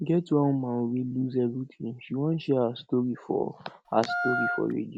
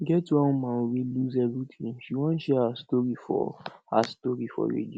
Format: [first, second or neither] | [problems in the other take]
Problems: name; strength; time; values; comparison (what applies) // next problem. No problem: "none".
second | background sound (Wind instrument, woodwind instrument); 2 dB below the speech